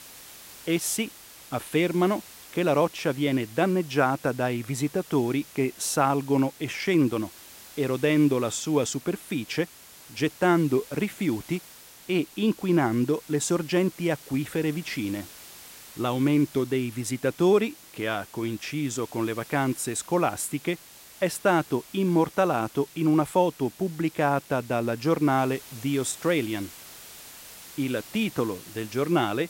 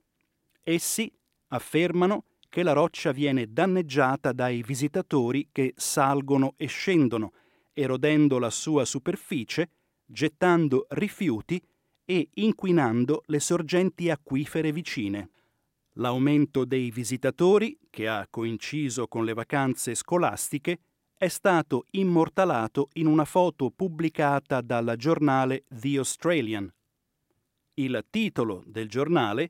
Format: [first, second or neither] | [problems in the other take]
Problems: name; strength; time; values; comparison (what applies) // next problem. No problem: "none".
second | hiss; noticeable; throughout; 20 dB below the speech